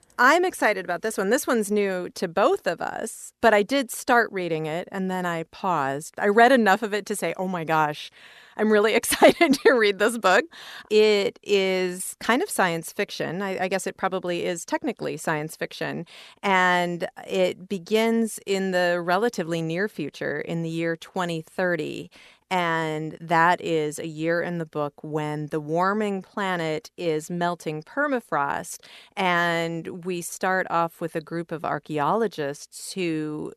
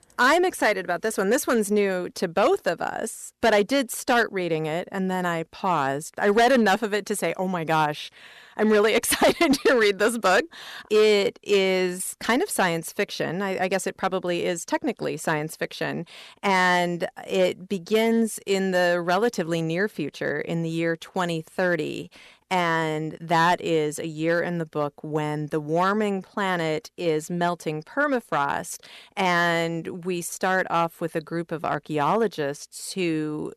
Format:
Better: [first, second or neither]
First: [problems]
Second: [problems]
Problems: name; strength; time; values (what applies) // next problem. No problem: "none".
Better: first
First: none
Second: distortion; slight; 3% of the sound clipped